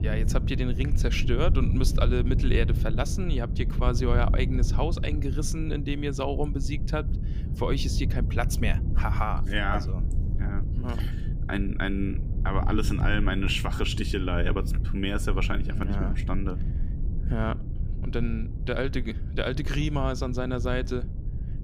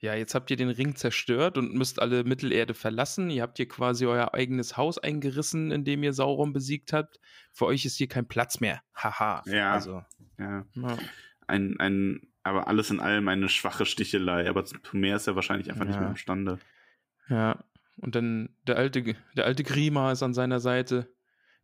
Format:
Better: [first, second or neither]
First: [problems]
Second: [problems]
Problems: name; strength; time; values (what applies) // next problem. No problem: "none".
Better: second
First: low rumble; noticeable; throughout; 10 dB below the speech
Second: none